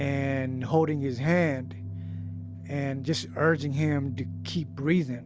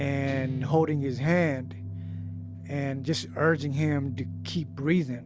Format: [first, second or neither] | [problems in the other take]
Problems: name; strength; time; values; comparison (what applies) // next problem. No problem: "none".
first | background sound (Guitar); 13 dB below the speech